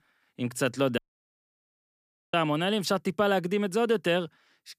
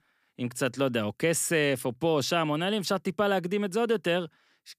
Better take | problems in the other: second | audio cutting out; at 1 s for 1.5 s

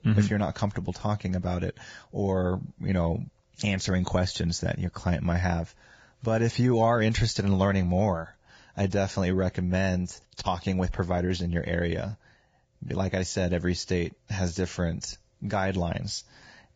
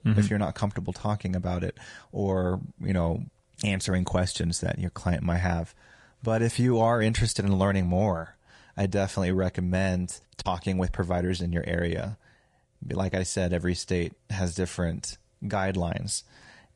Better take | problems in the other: second | garbled, watery; badly; nothing above 7.5 kHz; slightly in the second

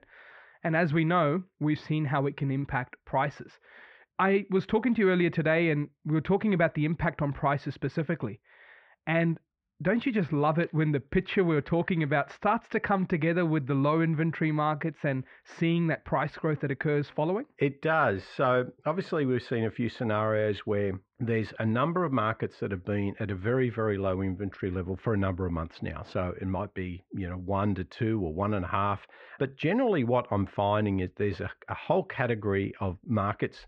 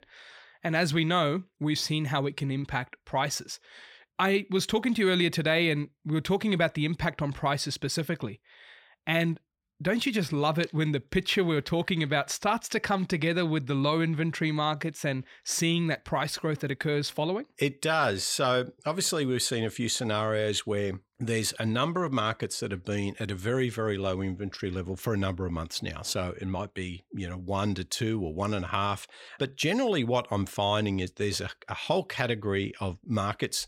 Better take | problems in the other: second | muffled; very; fading above 2 kHz

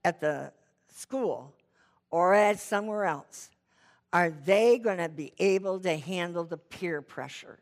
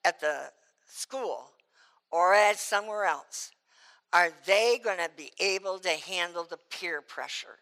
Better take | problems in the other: first | thin; very; fading below 700 Hz

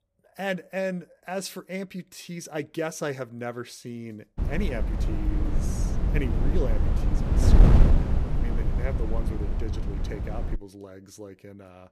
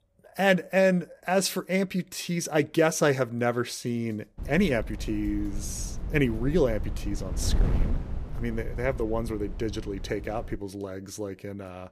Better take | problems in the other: second | wind noise on the microphone; heavy; from 4.5 to 11 s; 1 dB below the speech; occasional gusts in the second

